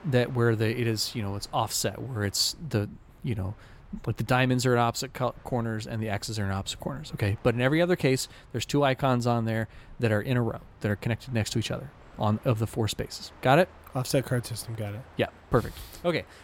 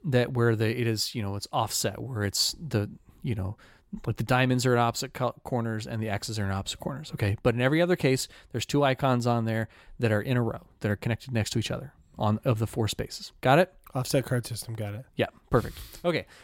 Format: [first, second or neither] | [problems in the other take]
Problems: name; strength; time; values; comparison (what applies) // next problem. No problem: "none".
second | train or aircraft noise; faint; throughout; 25 dB below the speech